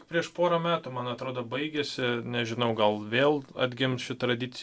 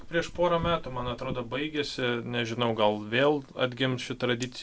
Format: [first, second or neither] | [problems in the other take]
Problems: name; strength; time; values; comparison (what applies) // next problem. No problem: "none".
first | background sound (Fire); 15 dB below the speech